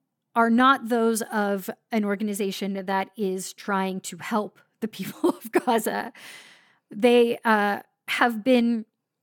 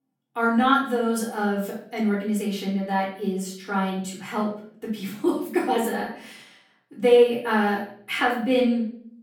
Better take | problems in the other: first | off-mic speech; far // room echo; noticeable; dies away in 0.5 s

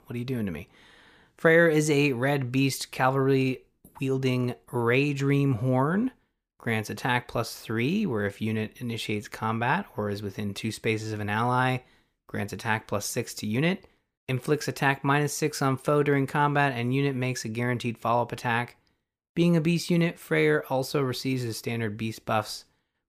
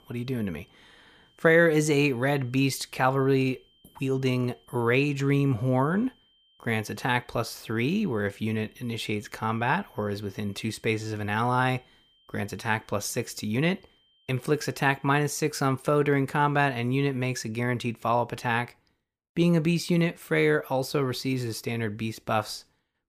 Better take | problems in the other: first | high-pitched whine; faint; until 15 s; 3 kHz, 35 dB below the speech

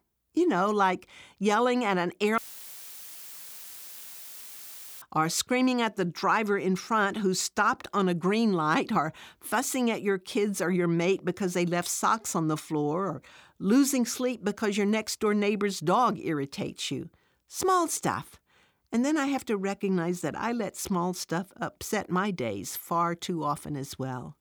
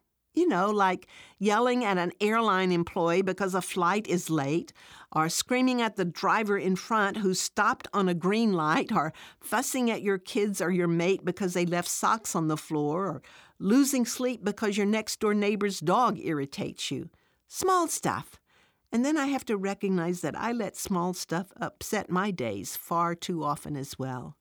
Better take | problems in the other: second | audio cutting out; filled with static; at 2.5 s for 2.5 s

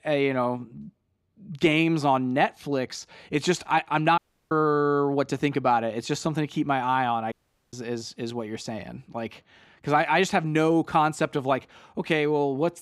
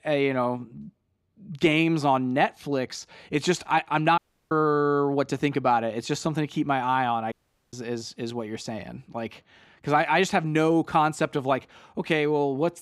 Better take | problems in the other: neither | audio cutting out; at 4 s and at 7.5 s; the same in both

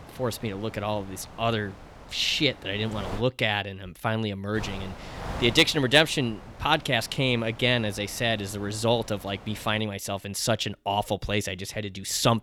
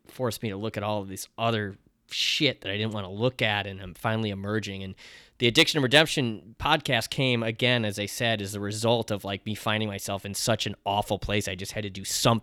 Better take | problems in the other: second | wind noise on the microphone; occasional gusts; until 3 s and from 4.5 to 10 s; 15 dB below the speech

